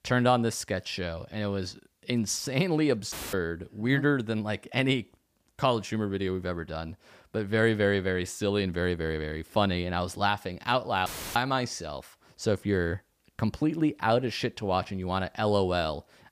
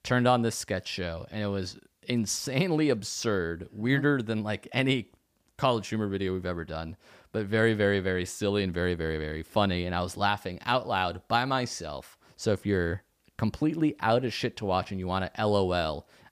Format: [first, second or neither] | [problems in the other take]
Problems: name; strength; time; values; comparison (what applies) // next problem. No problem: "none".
second | audio cutting out; filled with static; at 3 s and at 11 s